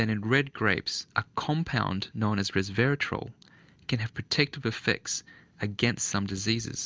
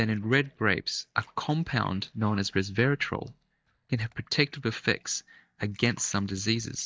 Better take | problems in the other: first | noise reduction (neural mask model DeepFilterNet 3)

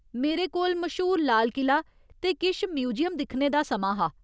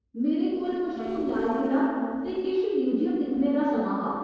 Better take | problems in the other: first | noise reduction (neural separator model SepFormer DNS4)

